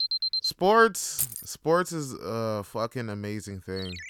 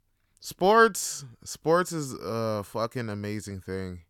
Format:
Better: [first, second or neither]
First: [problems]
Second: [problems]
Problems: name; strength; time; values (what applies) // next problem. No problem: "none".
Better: second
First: alarm; loud; at the start; peak 2 dB above the speech // jangling keys; noticeable; at 1 s; peak 2 dB below the speech // phone ringing; very faint; at 4 s; peak 10 dB below the speech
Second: none